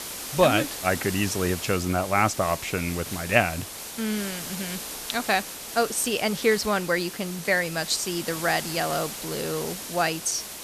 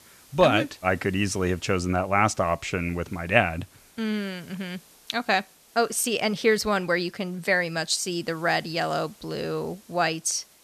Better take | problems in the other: second | hiss; loud; throughout; 8 dB below the speech; faint in the second

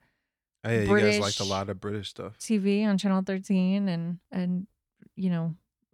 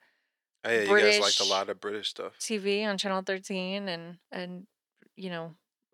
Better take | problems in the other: first | thin; somewhat; fading below 450 Hz

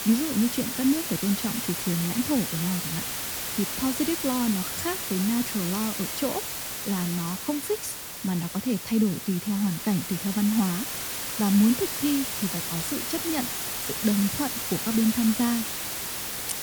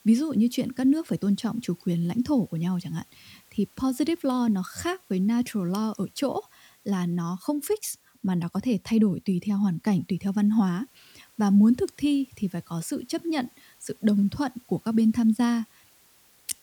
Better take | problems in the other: second | hiss; loud; throughout; 2 dB below the speech; faint in the second

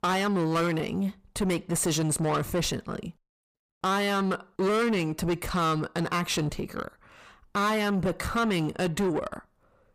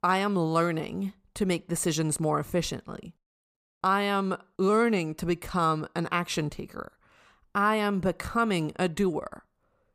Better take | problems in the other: second | distortion; heavy; 7 dB below the speech

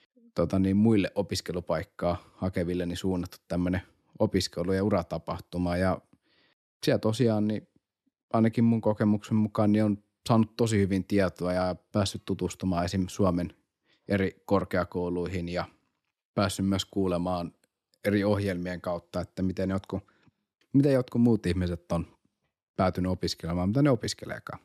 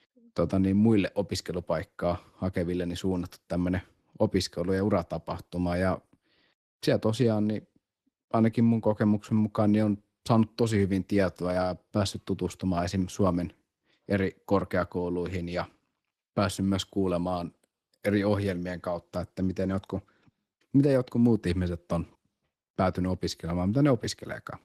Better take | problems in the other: first | garbled, watery; slightly; nothing above 13.5 kHz

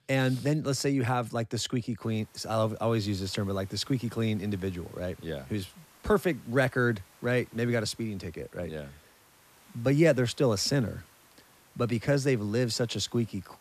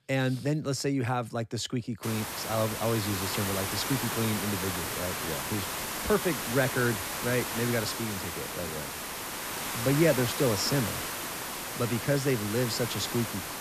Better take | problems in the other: first | hiss; loud; from 2 s on; 2 dB below the speech; faint in the first

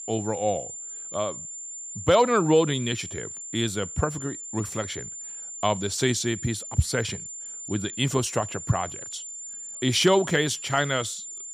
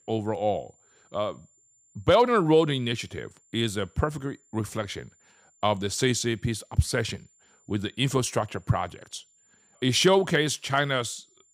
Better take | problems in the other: second | high-pitched whine; loud; throughout; 7 kHz, 9 dB below the speech; faint in the second

